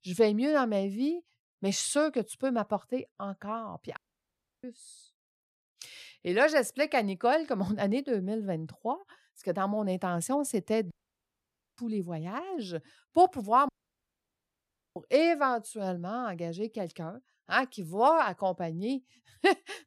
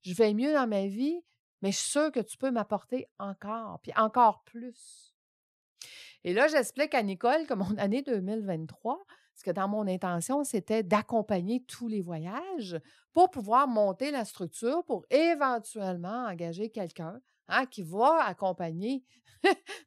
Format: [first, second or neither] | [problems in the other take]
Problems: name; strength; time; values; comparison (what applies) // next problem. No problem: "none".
second | audio cutting out; at 4 s for 0.5 s, at 11 s for 1 s and at 14 s for 1.5 s